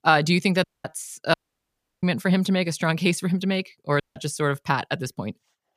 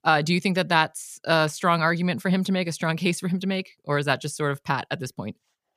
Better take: second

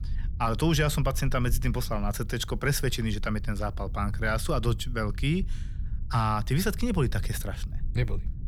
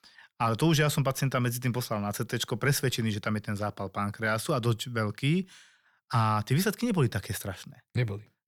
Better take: second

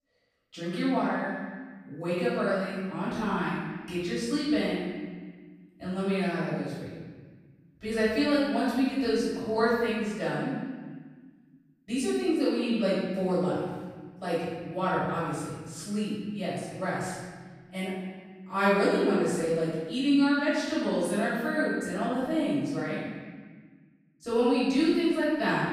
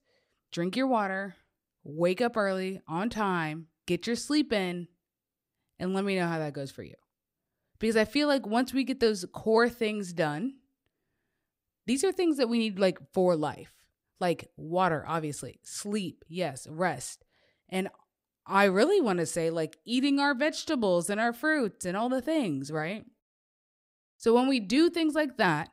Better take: second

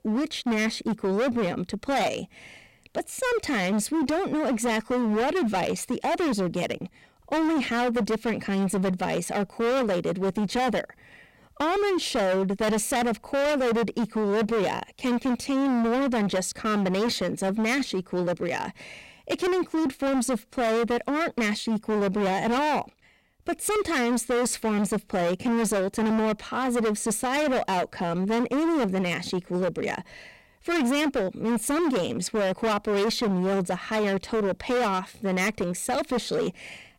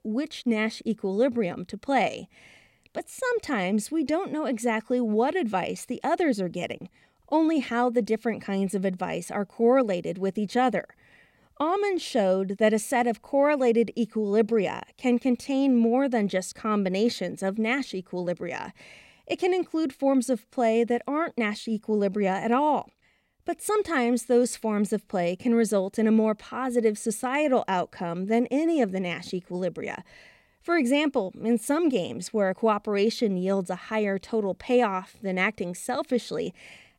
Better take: second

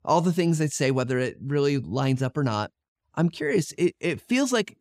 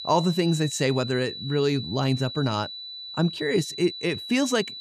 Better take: first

